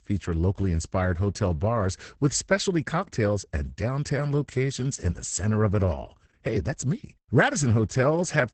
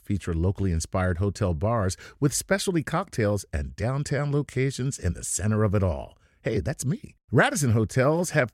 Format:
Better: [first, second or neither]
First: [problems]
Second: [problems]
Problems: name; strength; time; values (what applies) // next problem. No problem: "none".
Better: second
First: garbled, watery; badly; nothing above 8 kHz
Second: none